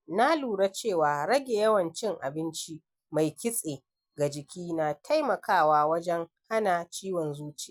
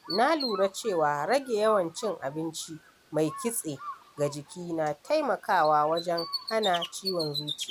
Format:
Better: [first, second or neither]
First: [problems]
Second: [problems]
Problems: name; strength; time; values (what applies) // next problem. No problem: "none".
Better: first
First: none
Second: background sound (Bird); 11 dB below the speech